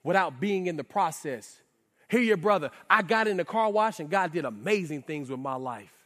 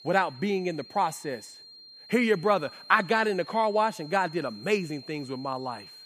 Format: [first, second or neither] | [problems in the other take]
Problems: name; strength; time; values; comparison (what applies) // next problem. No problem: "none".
first | high-pitched whine; noticeable; throughout; 4 kHz, 20 dB below the speech